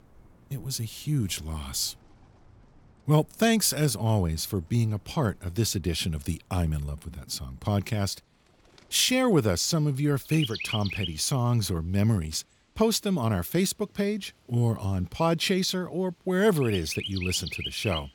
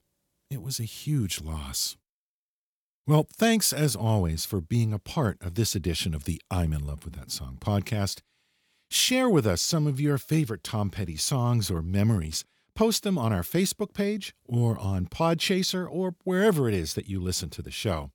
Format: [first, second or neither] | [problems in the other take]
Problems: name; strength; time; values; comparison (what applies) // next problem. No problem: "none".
second | animal sounds; loud; throughout; 7 dB below the speech